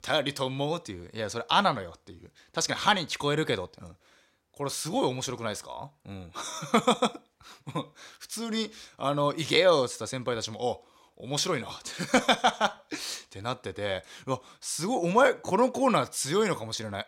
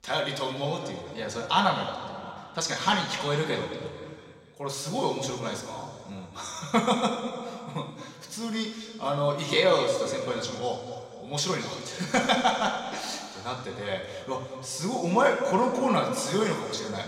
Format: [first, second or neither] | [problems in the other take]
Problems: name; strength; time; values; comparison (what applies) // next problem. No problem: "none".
first | room echo; noticeable; dies away in 2.2 s // off-mic speech; somewhat distant